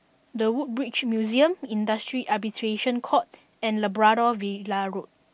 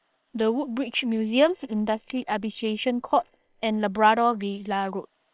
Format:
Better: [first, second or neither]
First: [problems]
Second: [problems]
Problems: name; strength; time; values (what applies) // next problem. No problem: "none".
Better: first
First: none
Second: noise reduction (neural separator model SepFormer WHAM!)